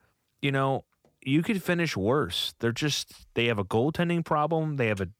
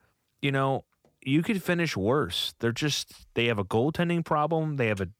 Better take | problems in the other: neither | none

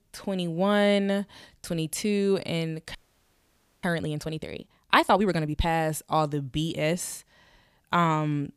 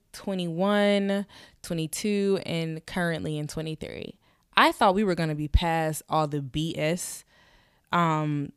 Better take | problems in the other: second | audio freezing; at 3 s for 1 s

